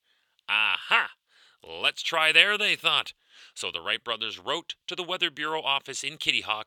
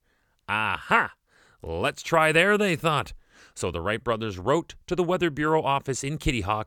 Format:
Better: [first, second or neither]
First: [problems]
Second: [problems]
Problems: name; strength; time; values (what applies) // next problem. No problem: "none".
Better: second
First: thin; somewhat; fading below 950 Hz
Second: none